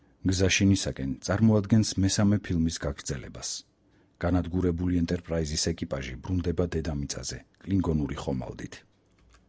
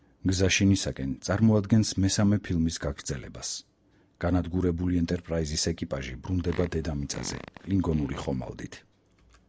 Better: first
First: none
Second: background sound (Fart); 16 dB below the speech

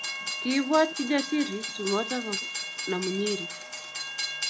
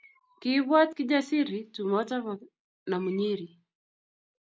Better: second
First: background sound (Train); 4 dB below the speech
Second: none

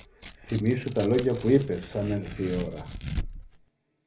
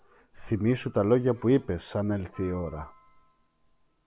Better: second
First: background sound (Tearing); 10 dB below the speech // room echo; dies away in 0.3 s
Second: none

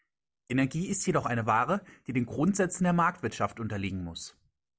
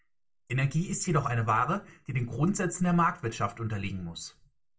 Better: first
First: none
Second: room echo; dies away in 0.2 s

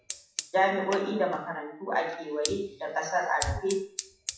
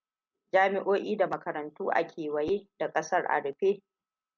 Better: second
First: noise reduction (classical method WPE with log-MMSE)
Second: none

